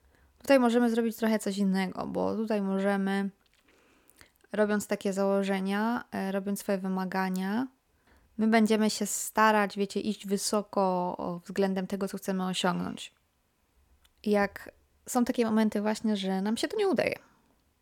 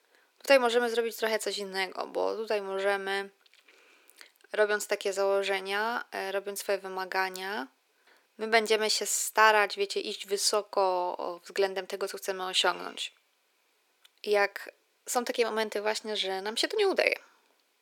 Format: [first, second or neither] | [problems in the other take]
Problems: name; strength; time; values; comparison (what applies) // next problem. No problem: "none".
first | thin; very; fading below 400 Hz